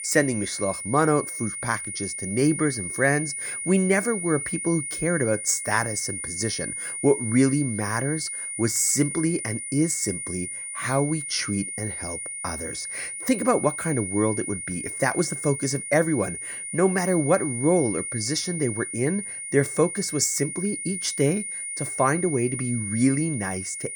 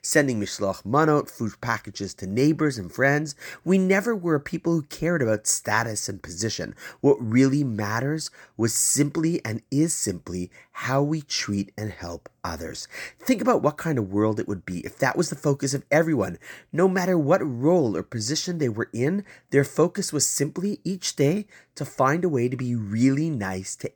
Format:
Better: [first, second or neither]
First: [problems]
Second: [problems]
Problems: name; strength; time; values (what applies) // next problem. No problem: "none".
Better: second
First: high-pitched whine; loud; throughout; 9.5 kHz, 5 dB below the speech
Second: none